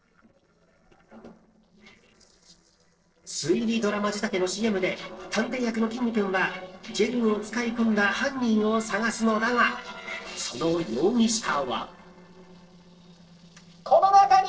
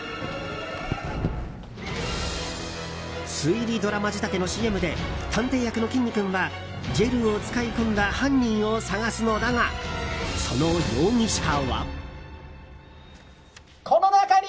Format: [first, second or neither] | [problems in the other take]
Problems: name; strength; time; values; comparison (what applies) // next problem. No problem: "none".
second | noise reduction (neural separator model SepFormer DNS4)